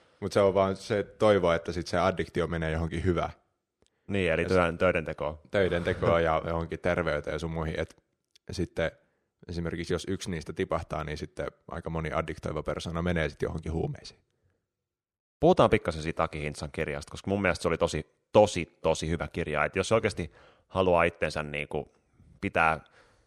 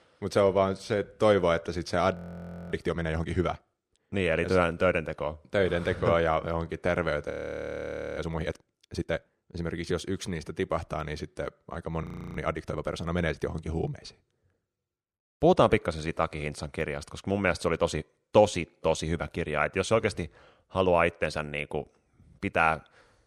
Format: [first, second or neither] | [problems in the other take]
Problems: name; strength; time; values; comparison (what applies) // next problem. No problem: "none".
first | audio freezing; at 2 s for 0.5 s, at 7.5 s for 1 s and at 12 s